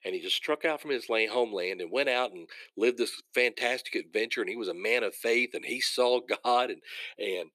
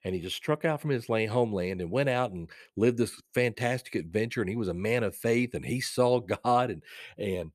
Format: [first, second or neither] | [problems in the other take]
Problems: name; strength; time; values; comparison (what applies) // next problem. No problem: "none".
second | thin; somewhat; fading below 350 Hz